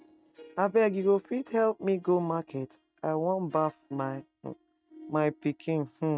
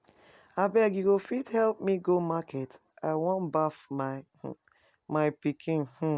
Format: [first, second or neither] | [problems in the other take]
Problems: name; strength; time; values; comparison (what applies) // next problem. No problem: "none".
second | noise reduction (neural mask model RNNoise)